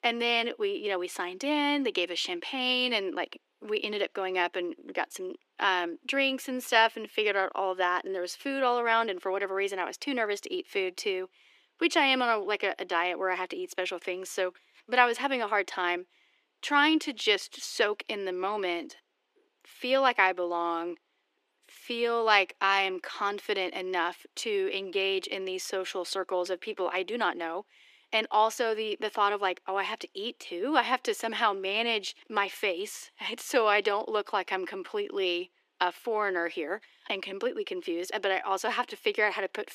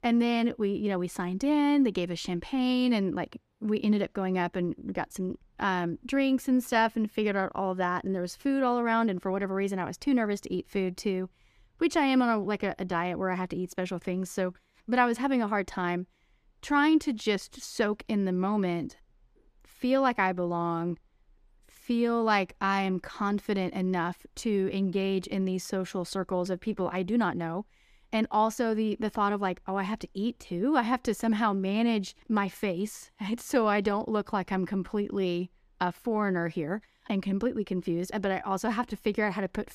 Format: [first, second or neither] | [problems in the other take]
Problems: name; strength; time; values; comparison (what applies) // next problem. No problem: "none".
second | thin; somewhat; fading below 350 Hz